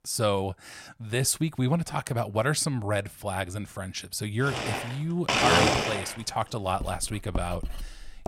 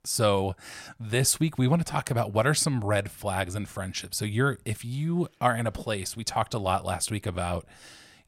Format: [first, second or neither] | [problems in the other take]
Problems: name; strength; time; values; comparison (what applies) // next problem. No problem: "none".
second | household noises; very loud; from 4.5 s on; 3 dB above the speech